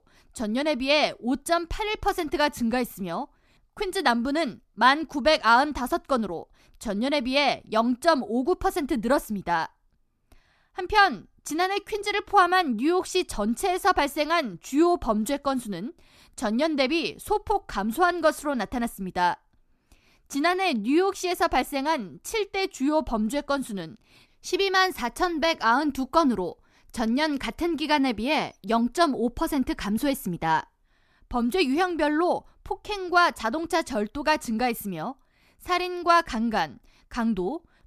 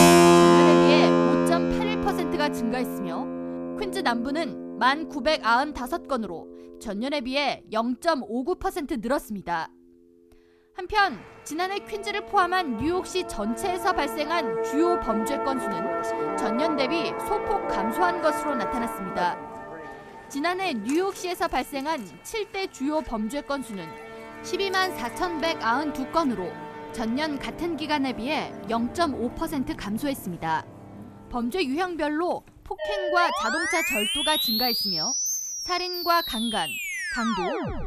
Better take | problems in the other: first | background music; very loud; throughout; 2 dB above the speech

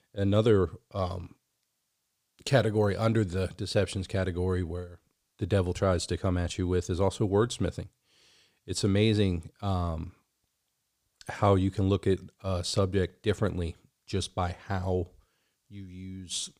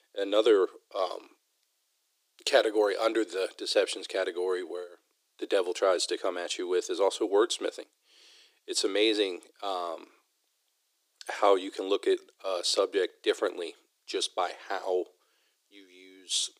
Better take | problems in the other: first | thin; very; fading below 350 Hz

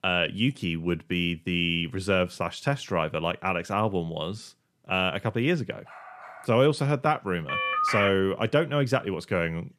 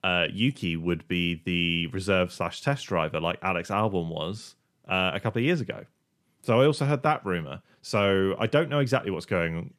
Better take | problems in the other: second | dog barking; faint; at 6 s; peak 20 dB below the speech // phone ringing; loud; at 7.5 s; peak 2 dB above the speech

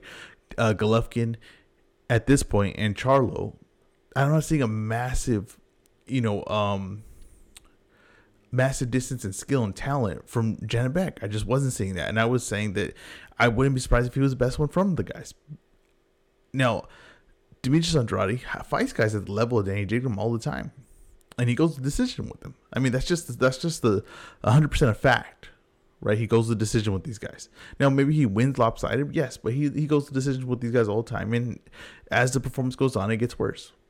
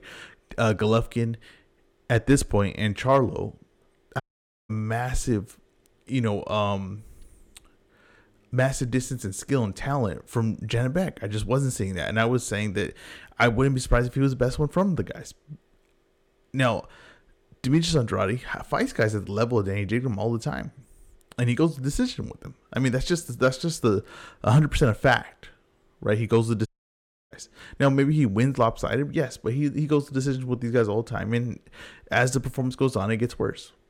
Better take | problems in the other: first | audio cutting out; at 4 s and at 27 s for 0.5 s

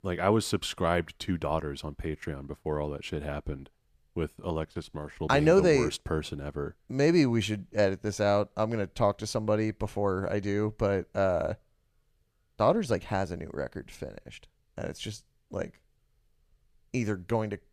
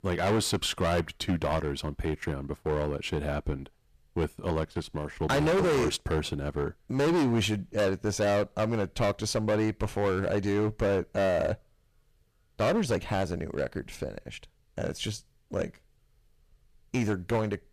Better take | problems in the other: first | distortion; heavy; 11% of the sound clipped

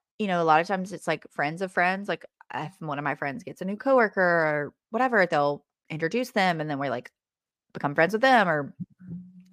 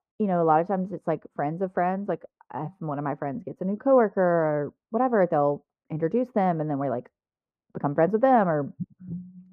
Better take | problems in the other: first | muffled; very; fading above 1.5 kHz

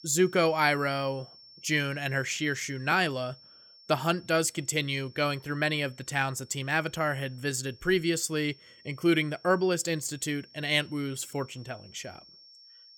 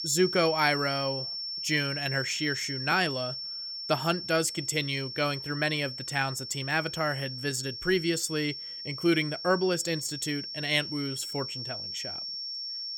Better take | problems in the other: first | high-pitched whine; loud; throughout; 5.5 kHz, 6 dB below the speech; faint in the first

